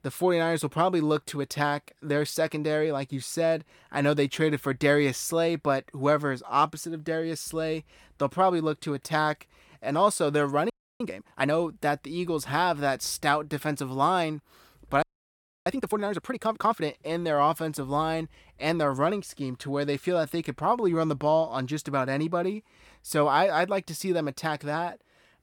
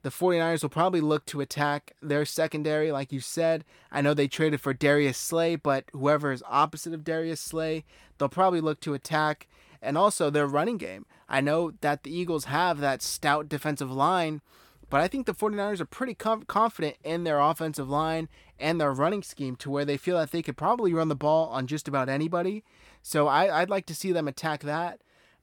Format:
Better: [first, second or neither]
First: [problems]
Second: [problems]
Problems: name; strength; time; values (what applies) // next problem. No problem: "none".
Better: second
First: audio freezing; at 11 s and at 15 s for 0.5 s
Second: none